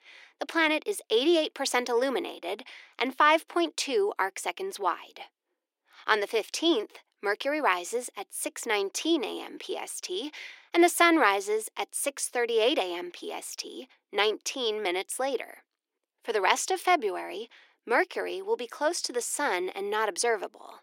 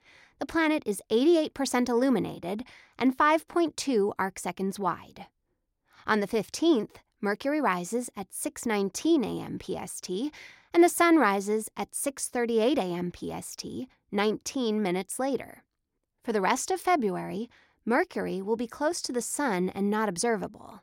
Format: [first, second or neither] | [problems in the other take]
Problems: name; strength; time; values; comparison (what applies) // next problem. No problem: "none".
second | thin; somewhat; fading below 350 Hz